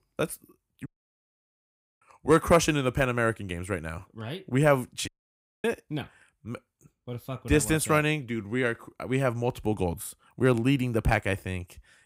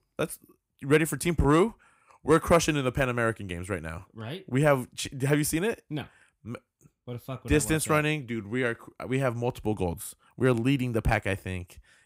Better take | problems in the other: second | audio cutting out; at 1 s for 1 s and at 5 s for 0.5 s

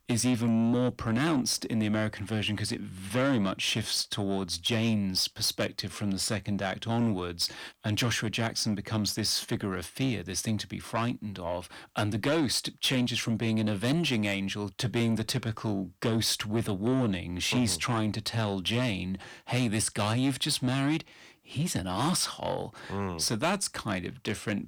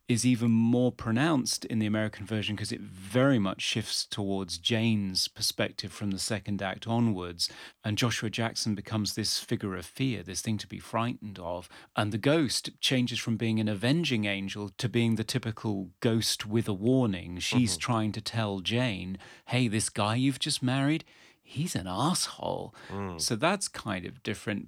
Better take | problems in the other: second | distortion; slight; 10 dB below the speech

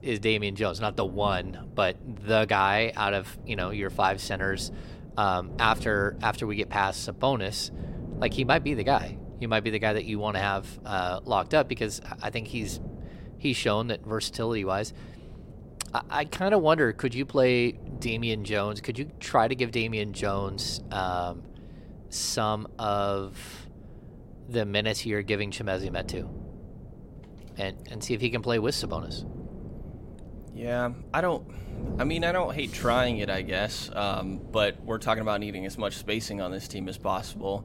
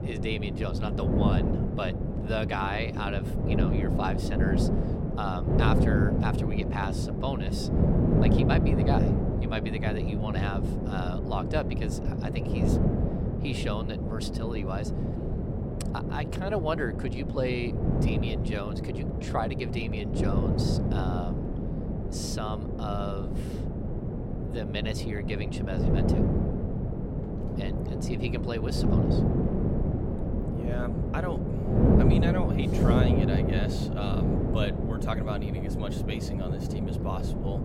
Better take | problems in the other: first | wind noise on the microphone; heavy; as loud as the speech; occasional gusts in the first

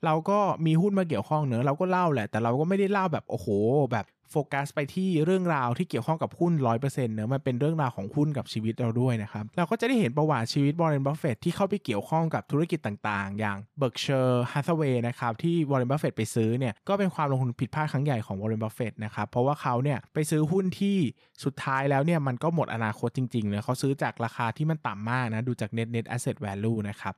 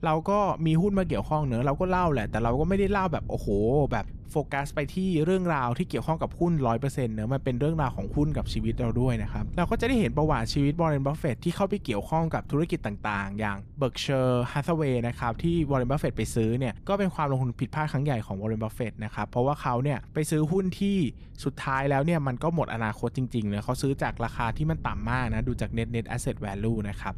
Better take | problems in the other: first | wind noise on the microphone; occasional gusts; 25 dB below the speech

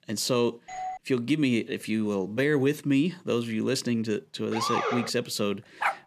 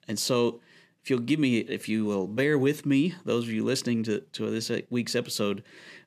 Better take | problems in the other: second | doorbell; noticeable; at 0.5 s; peak 9 dB below the speech // siren; noticeable; at 4.5 s; peak level with the speech // dog barking; very faint; at 6 s; peak 2 dB below the speech

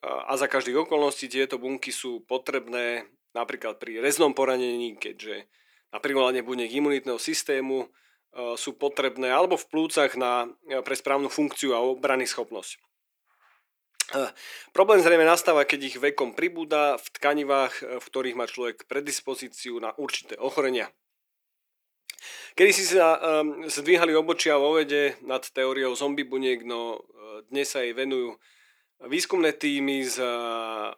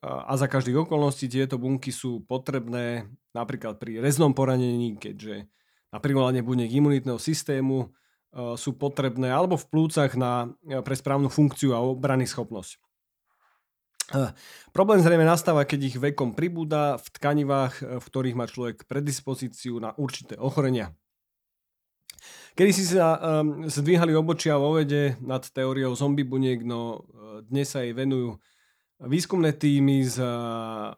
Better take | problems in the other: second | thin; somewhat; fading below 350 Hz

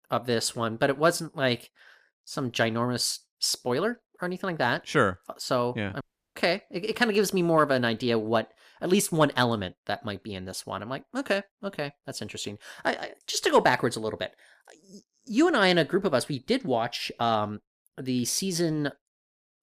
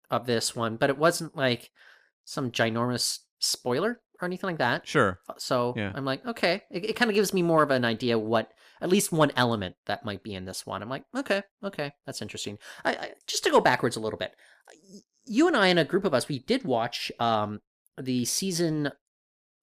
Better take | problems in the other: second | audio cutting out; at 6 s

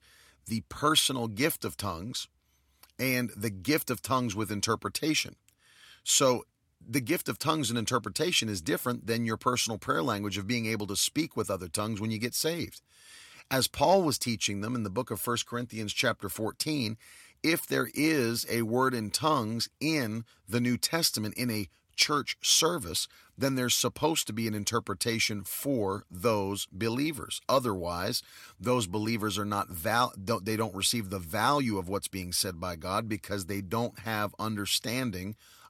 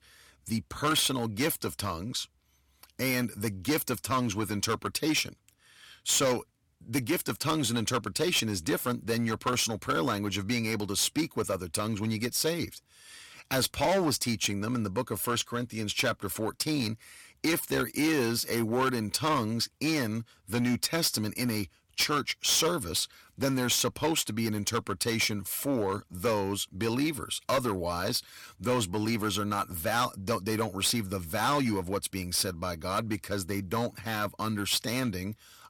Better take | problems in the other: first | distortion; slight; 6% of the sound clipped

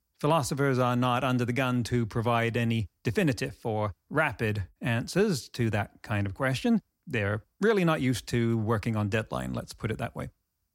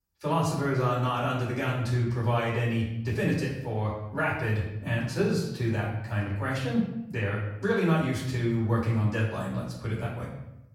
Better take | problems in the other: first | room echo; noticeable; dies away in 0.8 s // off-mic speech; far

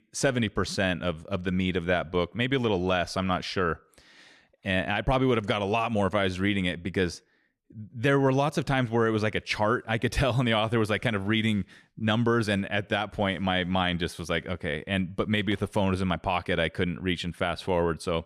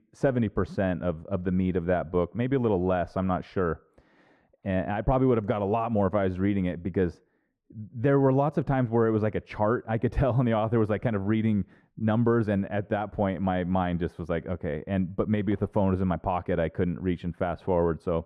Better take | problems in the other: first | muffled; very; fading above 2 kHz

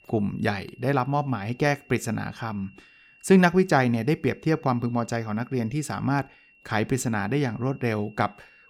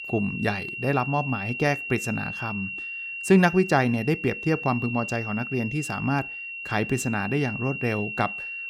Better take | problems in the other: first | high-pitched whine; loud; throughout; 2.5 kHz, 6 dB below the speech; faint in the first

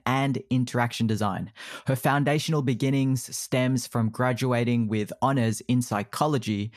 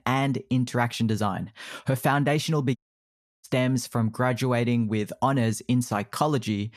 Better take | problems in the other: first | audio cutting out; at 3 s for 0.5 s

